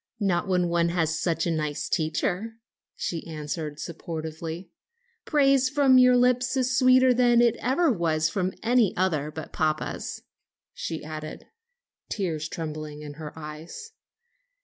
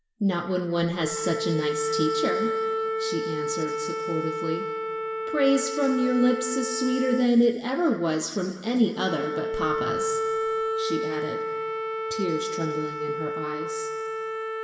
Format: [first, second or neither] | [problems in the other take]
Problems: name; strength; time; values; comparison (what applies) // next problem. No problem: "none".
first | background sound (Wind instrument, woodwind instrument); 3 dB below the speech // room echo; dies away in 2.3 s